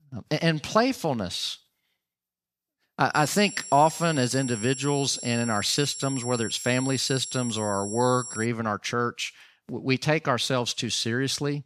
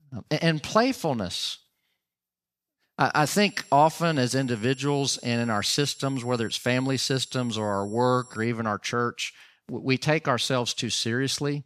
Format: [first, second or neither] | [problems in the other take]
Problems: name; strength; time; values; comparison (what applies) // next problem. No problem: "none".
second | high-pitched whine; loud; from 3 to 8.5 s; 7.5 kHz, 9 dB below the speech; faint in the second